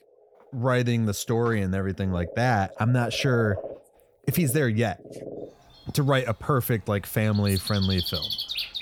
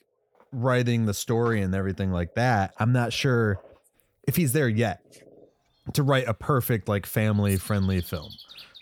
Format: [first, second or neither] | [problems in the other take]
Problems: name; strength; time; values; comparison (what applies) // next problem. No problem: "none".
second | animal sounds; loud; throughout; 9 dB below the speech; faint in the second